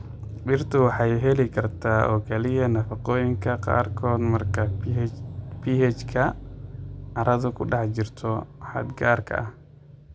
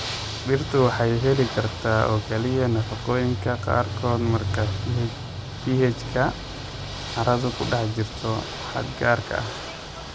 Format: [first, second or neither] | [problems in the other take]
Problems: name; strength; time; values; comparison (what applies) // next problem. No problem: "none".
first | background sound (Ocean / Boat, Water vehicle); 11 dB below the speech